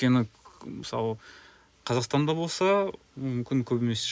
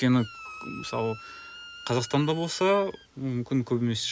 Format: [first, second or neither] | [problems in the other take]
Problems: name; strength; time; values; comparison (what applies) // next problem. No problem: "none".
first | background sound (Squeak); 18 dB below the speech